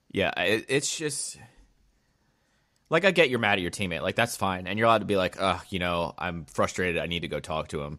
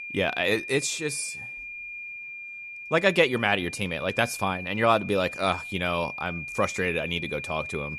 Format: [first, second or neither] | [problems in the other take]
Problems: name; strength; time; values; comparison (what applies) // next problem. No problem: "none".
first | high-pitched whine; loud; throughout; 2.5 kHz, 9 dB below the speech